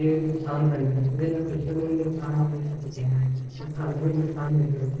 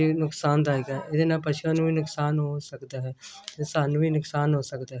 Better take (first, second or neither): second